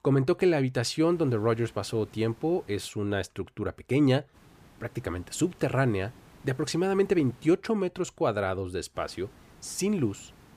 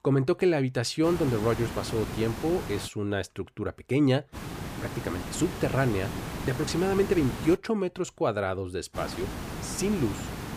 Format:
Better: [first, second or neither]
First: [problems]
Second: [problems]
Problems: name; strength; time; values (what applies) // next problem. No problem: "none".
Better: first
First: hiss; faint; from 1 to 3 s, from 4.5 to 7.5 s and from 9 s on; 25 dB below the speech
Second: hiss; loud; from 1 to 3 s, from 4.5 to 7.5 s and from 9 s on; 8 dB below the speech